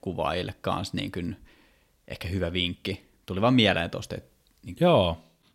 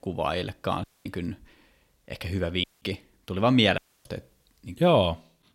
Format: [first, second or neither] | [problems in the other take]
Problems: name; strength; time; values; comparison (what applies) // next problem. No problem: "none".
first | audio cutting out; at 1 s, at 2.5 s and at 4 s